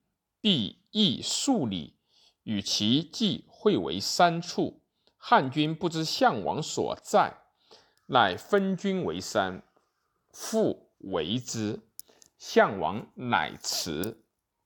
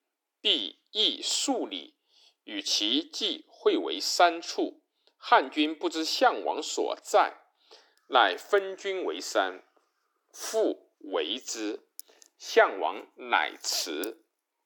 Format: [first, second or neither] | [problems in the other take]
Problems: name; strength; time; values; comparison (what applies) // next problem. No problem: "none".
first | thin; somewhat; fading below 300 Hz